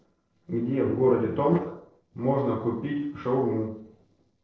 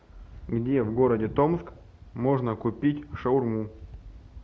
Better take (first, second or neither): second